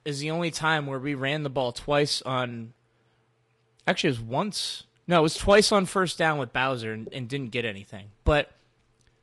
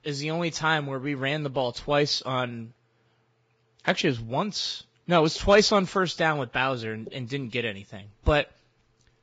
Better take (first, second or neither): first